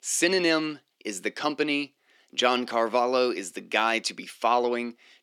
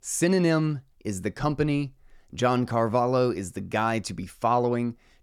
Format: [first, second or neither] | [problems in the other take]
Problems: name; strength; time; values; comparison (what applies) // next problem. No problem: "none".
second | thin; somewhat; fading below 250 Hz